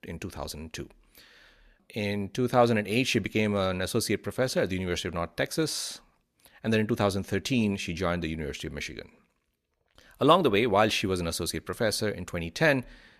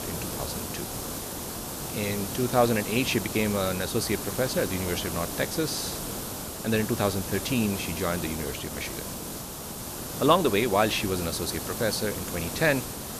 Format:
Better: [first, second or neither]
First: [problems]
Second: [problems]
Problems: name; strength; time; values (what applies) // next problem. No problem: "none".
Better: first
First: none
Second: hiss; loud; throughout; 5 dB below the speech